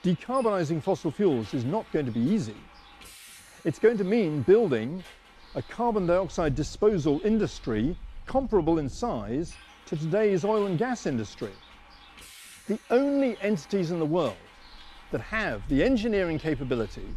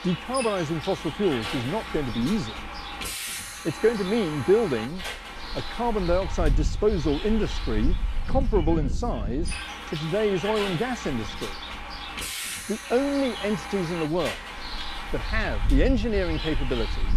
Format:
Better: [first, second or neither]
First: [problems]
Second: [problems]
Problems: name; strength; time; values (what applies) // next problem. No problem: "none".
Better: first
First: traffic noise; faint; throughout; 20 dB below the speech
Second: traffic noise; loud; throughout; 5 dB below the speech